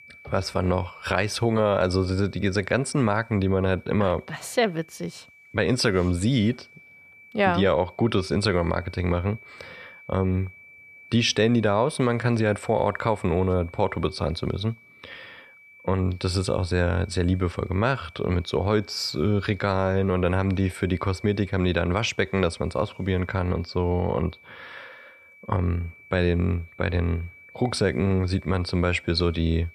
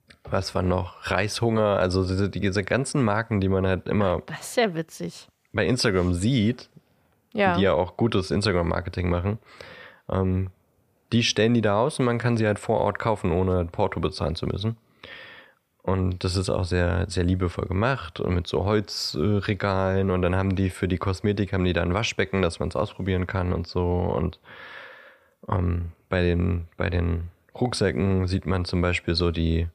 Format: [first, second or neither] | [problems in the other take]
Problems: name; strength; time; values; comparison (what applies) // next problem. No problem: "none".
second | high-pitched whine; faint; throughout; 2.5 kHz, 25 dB below the speech